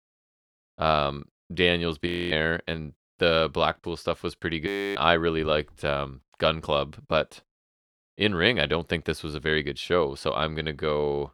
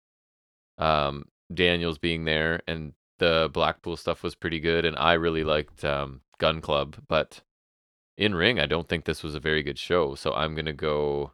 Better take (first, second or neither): second